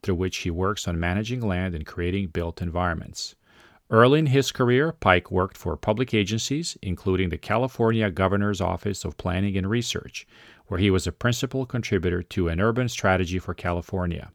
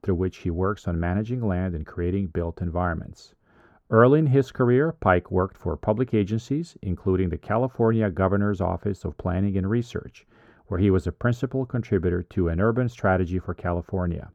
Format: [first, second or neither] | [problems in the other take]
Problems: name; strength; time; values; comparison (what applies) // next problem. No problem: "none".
first | muffled; very; fading above 1.5 kHz